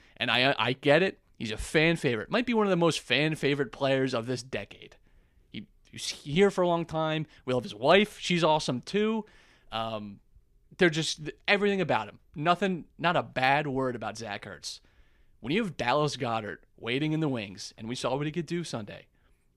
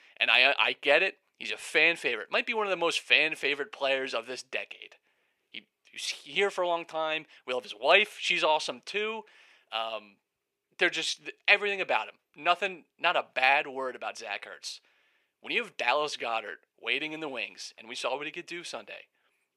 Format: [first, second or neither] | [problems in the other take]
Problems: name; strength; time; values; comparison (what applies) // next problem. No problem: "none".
first | thin; very; fading below 550 Hz